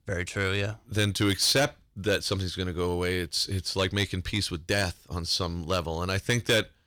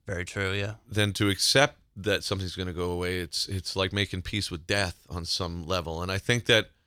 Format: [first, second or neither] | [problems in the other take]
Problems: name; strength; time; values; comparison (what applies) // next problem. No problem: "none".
second | distortion; slight; 10 dB below the speech